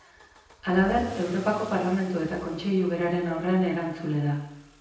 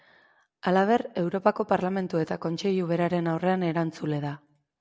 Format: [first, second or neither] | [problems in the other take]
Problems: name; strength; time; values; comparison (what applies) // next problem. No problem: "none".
second | background sound (Engine starting / Accelerating, revving, vroom / Car); 19 dB below the speech // room echo; dies away in 0.9 s